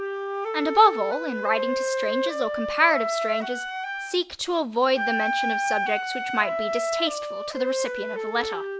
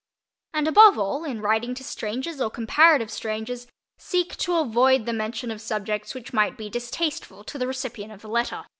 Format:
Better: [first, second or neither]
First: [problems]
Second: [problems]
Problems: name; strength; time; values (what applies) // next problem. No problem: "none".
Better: second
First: background sound (Wind instrument, woodwind instrument); 2 dB below the speech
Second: none